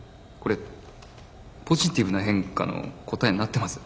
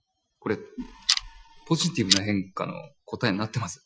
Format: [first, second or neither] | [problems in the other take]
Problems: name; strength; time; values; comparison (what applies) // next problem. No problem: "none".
first | noise reduction (classical method Wiener filter)